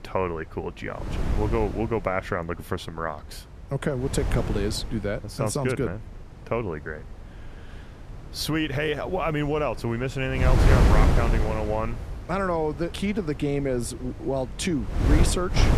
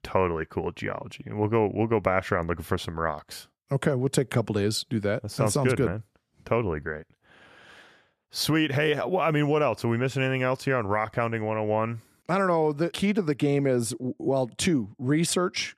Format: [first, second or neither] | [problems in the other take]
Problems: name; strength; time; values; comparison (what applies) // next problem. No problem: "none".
second | wind noise on the microphone; heavy; 6 dB below the speech